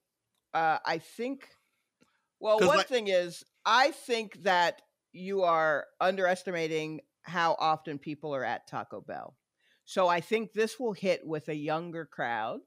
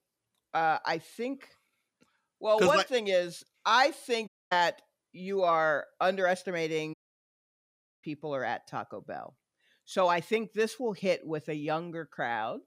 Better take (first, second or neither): first